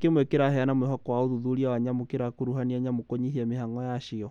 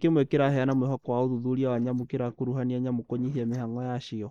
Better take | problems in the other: first | noise reduction (neural mask model Resemble Enhance denoiser)

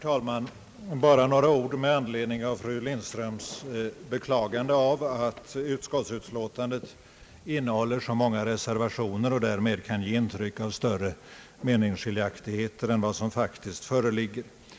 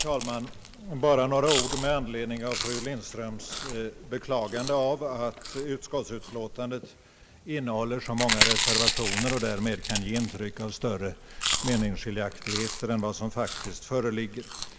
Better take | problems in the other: first | background sound (Chewing, mastication); 3 dB below the speech

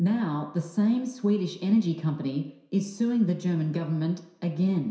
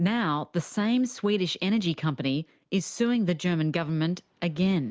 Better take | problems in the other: second | room echo; dies away in 0.7 s

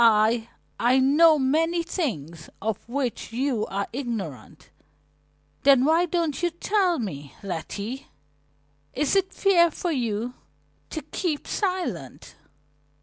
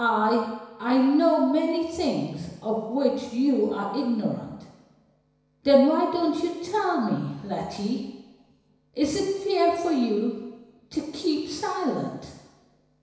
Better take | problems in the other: first | room echo; dies away in 1 s

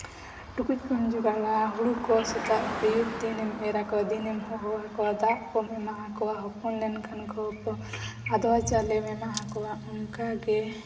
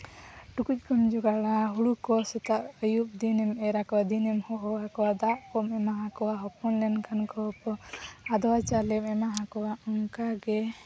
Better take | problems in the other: second | background sound (Car passing by); 12 dB below the speech // room echo; dies away in 2.2 s

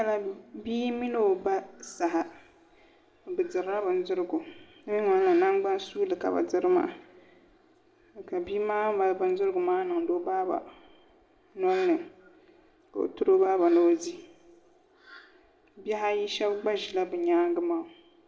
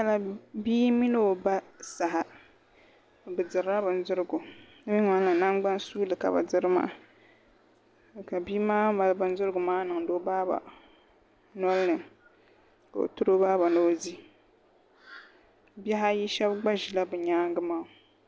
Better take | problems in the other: second | room echo; dies away in 0.7 s

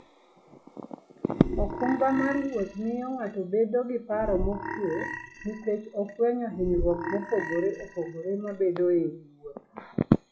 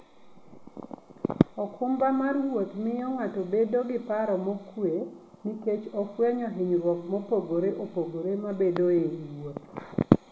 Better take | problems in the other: second | noise reduction (classical method log-MMSE)

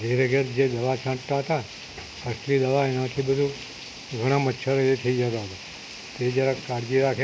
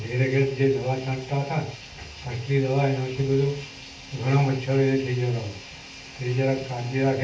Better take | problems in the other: first | room echo; dies away in 0.3 s

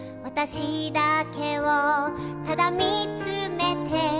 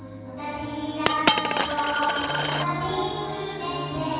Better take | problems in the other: first | background sound (Coin (dropping)); 2 dB below the speech // room echo; dies away in 2.1 s

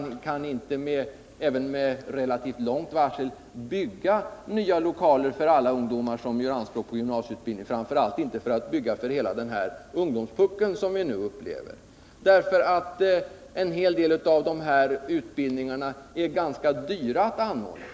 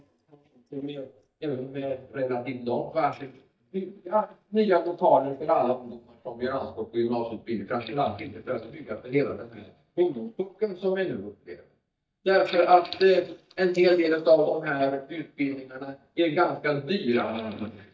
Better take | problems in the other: first | noise reduction (neural mask model DeepFilterNet 3)

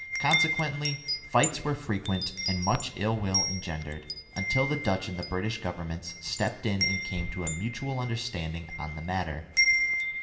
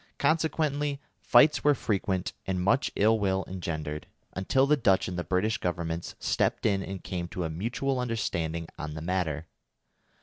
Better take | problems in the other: second | background sound (Wind chime); 2 dB below the speech // room echo; dies away in 0.8 s

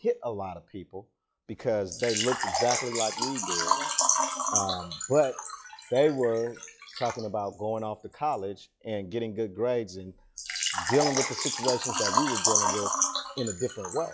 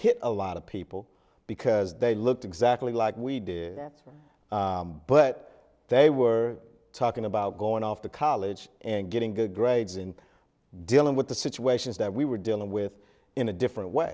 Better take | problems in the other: second | noise reduction (classical method log-MMSE)

